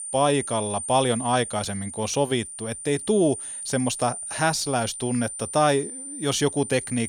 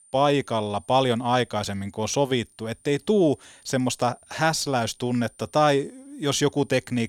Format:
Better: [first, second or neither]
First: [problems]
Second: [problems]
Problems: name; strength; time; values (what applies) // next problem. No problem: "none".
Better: second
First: high-pitched whine; loud; throughout; 9 kHz, 8 dB below the speech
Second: high-pitched whine; faint; throughout; 9 kHz, 30 dB below the speech